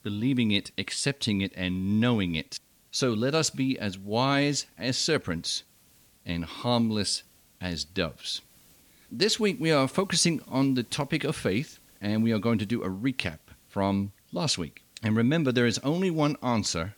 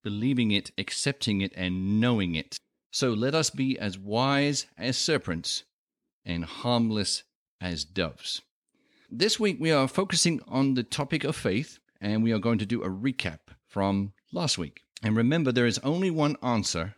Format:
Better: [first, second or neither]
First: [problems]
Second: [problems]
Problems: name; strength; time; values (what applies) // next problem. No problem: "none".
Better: second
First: hiss; faint; throughout; 30 dB below the speech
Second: none